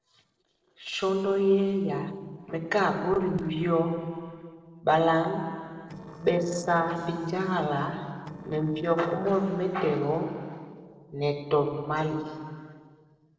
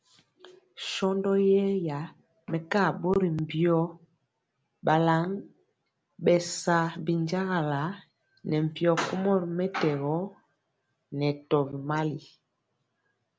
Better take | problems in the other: second | noise reduction (neural separator model SepFormer DNS4)

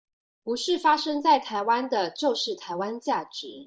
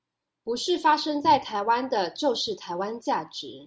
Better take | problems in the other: second | noise reduction (neural mask model Resemble Enhance denoiser)

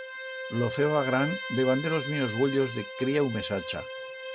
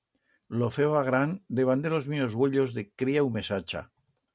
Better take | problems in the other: second | background sound (Bowed string instrument); 8 dB below the speech

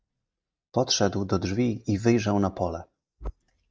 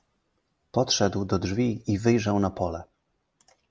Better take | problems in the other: second | noise reduction (neural mask model DeepFilterNet 3)

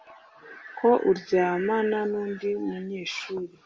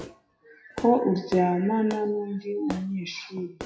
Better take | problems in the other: first | noise reduction (classical method WPE with log-MMSE)

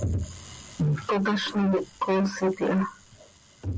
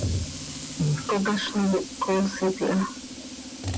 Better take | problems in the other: first | background sound (Tools); 11 dB below the speech

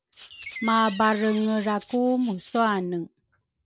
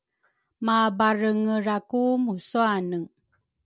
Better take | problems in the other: second | background sound (Door + Rattle (instrument)); 17 dB below the speech

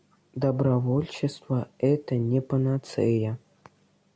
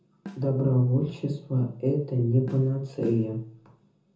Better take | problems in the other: first | background sound (Snare drum); 17 dB below the speech // room echo; dies away in 0.5 s

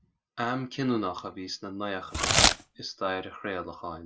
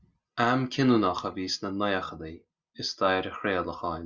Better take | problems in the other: second | background sound (Packing tape, duct tape / Tearing); 5 dB above the speech

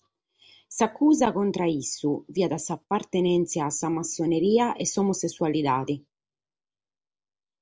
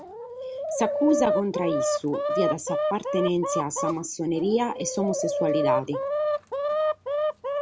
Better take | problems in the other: first | background sound (Chicken, rooster); 1 dB above the speech

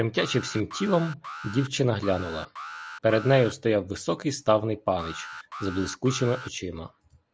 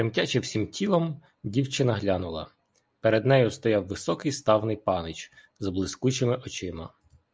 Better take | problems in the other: second | background sound (Alarm); 13 dB below the speech

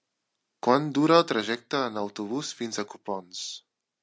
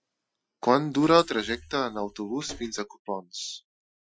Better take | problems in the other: first | noise reduction (classical method Wiener filter)

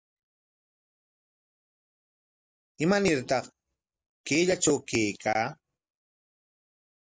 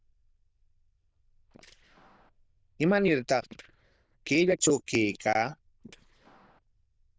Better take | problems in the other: first | noise reduction (neural diffusion model UNIVERSE++)

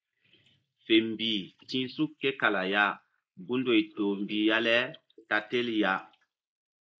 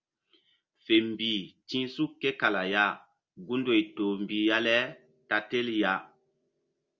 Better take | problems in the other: second | noise reduction (neural mask model Resemble Enhance denoiser)

